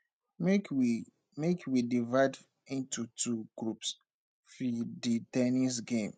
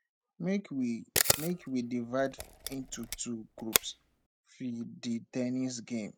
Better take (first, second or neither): first